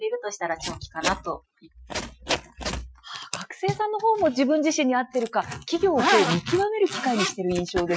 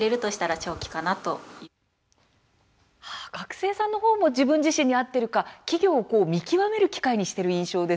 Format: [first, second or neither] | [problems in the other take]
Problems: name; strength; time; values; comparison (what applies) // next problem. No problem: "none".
second | noise reduction (classical method Wiener filter)